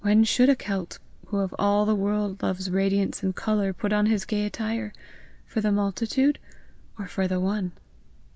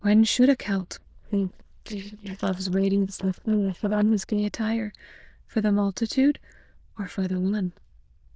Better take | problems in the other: first | noise reduction (neural diffusion model UNIVERSE++)

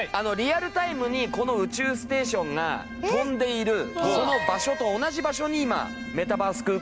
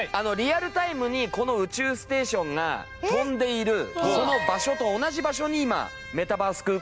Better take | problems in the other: second | background sound (Sink (filling or washing)); 13 dB below the speech

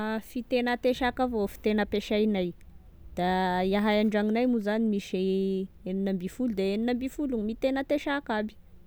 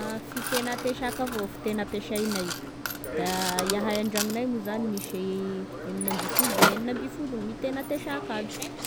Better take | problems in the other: first | background sound (Mechanisms); as loud as the speech

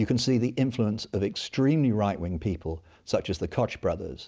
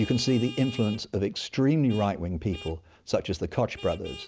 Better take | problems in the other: first | background sound (Vehicle horn, car horn, honking); 18 dB below the speech

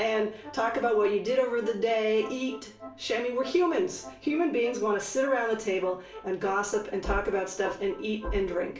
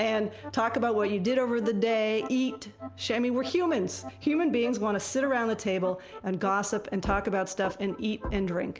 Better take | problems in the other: second | room echo; dies away in 0.3 s

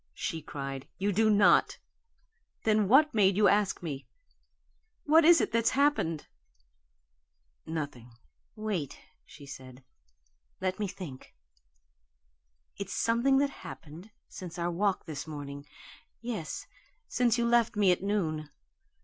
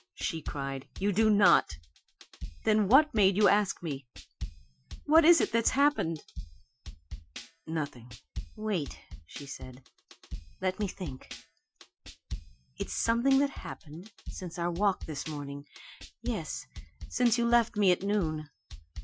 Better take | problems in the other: first | noise reduction (classical method Wiener filter)

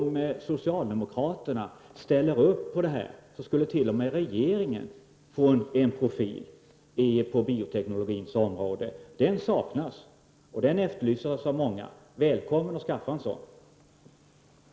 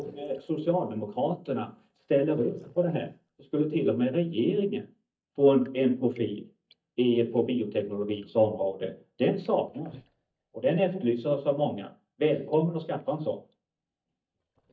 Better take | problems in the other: first | noise reduction (neural mask model DeepFilterNet 3)

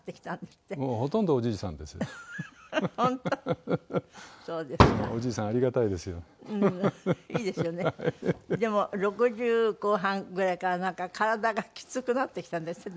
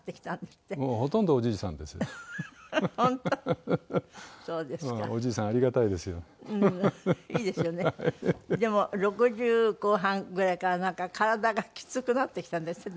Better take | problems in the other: second | background sound (Fireworks); 4 dB above the speech

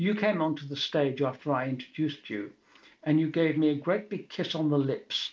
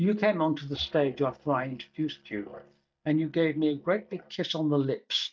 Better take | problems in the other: first | noise reduction (neural mask model DeepFilterNet 3)

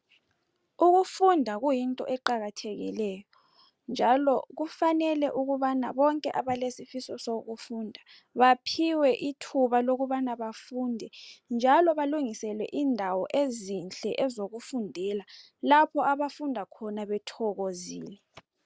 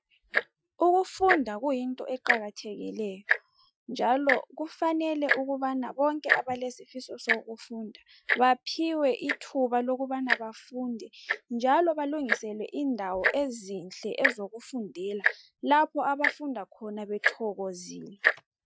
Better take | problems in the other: first | noise reduction (classical method Wiener filter)

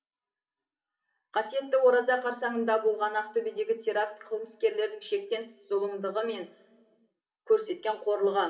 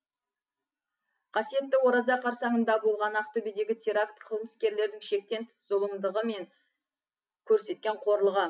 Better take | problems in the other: second | room echo; dies away in 1.7 s

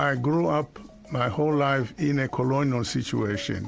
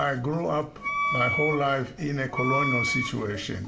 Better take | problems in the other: first | background sound (Wind instrument, woodwind instrument); 2 dB below the speech // room echo; dies away in 1.6 s

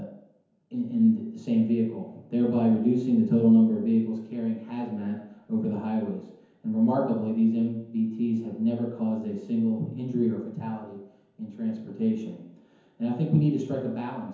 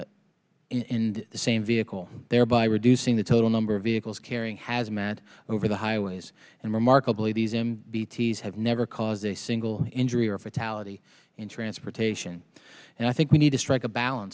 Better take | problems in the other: second | room echo; dies away in 0.9 s

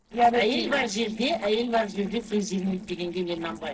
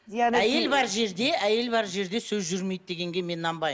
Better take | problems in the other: second | noise reduction (neural separator model SepFormer DNS4)

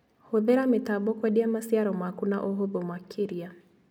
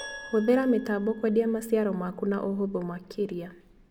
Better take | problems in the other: first | background sound (Keyboard (musical)); 20 dB below the speech

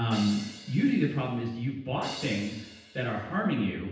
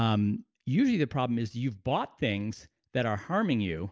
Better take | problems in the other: second | background sound (Crash cymbal); 16 dB below the speech // room echo; dies away in 0.9 s

